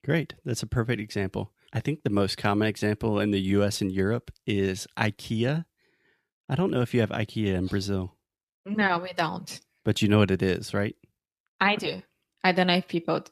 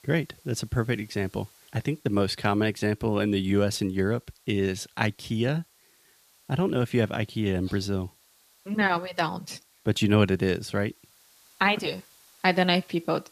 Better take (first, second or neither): first